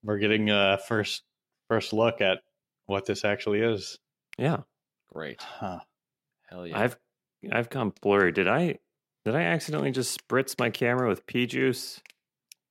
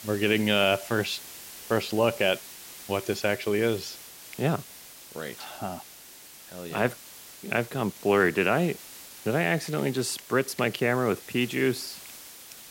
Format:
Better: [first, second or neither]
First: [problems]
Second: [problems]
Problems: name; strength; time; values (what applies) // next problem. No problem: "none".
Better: first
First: none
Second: hiss; noticeable; throughout; 15 dB below the speech